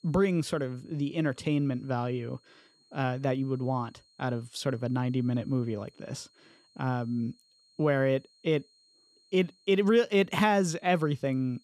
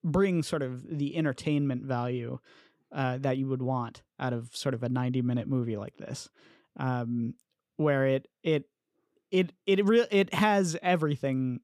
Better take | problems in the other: second | high-pitched whine; faint; throughout; 4 kHz, 35 dB below the speech

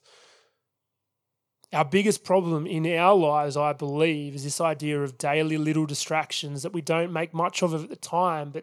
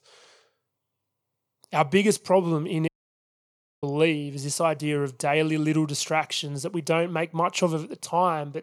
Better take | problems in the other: first | audio cutting out; at 3 s for 1 s

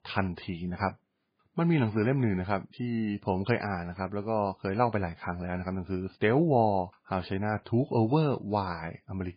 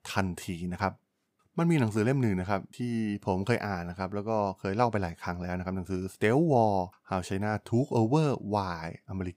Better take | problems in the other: second | garbled, watery; badly; nothing above 4.5 kHz

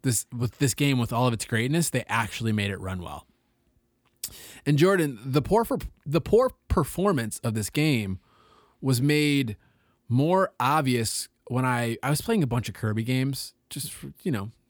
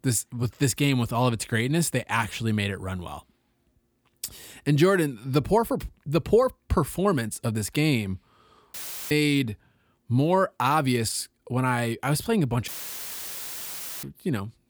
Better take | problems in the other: first | audio cutting out; filled with static; at 8.5 s and at 13 s for 1.5 s

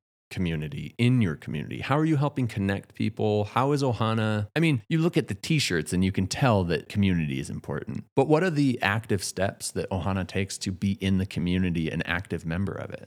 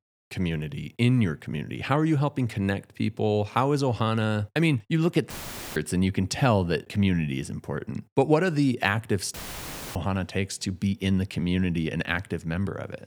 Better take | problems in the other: first | audio cutting out; filled with static; at 5.5 s and at 9.5 s for 0.5 s

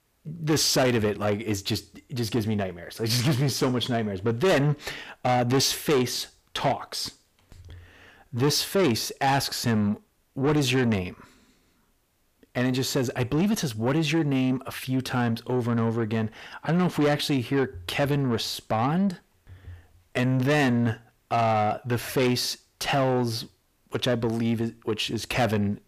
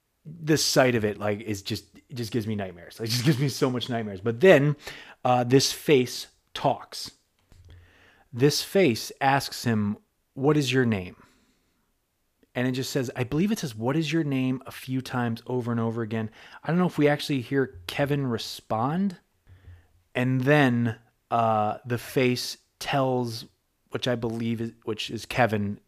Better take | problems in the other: second | distortion; heavy; 8 dB below the speech

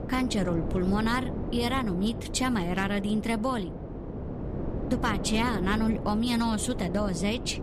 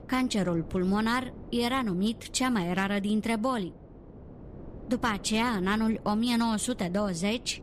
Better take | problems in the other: second | wind noise on the microphone; heavy; 9 dB below the speech; occasional gusts in the second

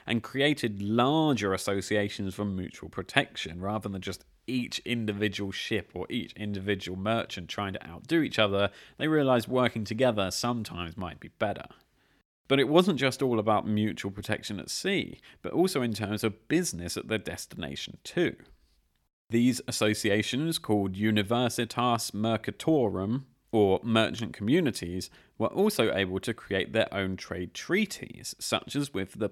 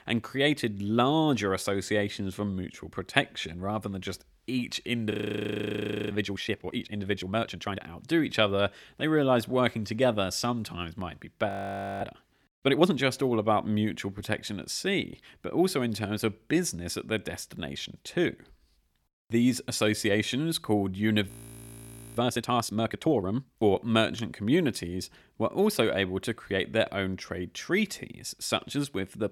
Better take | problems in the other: first | audio freezing; at 5 s for 1 s, at 11 s for 0.5 s and at 21 s for 1 s

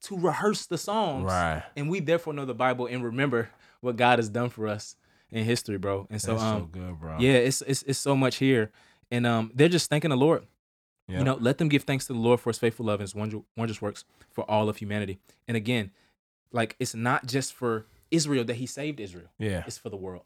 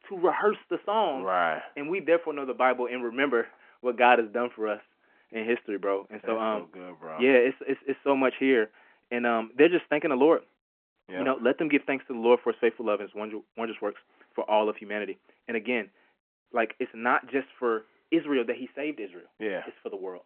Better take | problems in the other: first | phone-call audio

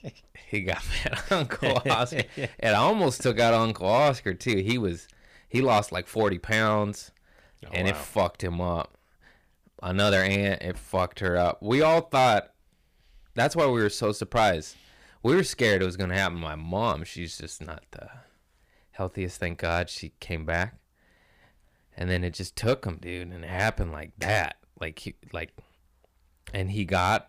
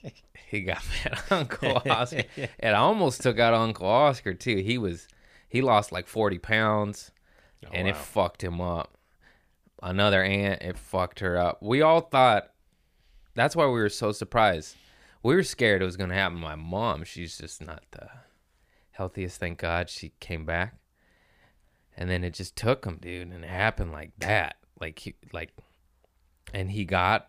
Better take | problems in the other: second | distortion; slight; 3% of the sound clipped

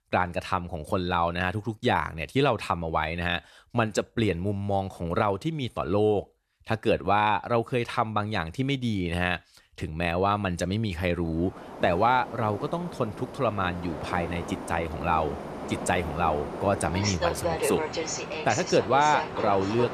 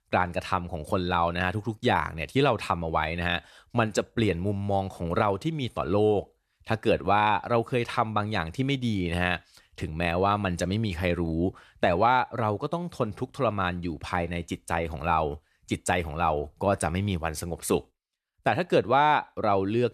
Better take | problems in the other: second | train or aircraft noise; loud; from 12 s on; 6 dB below the speech

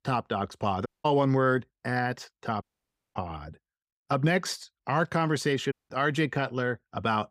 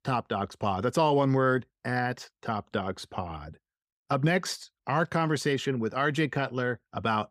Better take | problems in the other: second | audio cutting out; at 1 s, at 2.5 s for 0.5 s and at 5.5 s

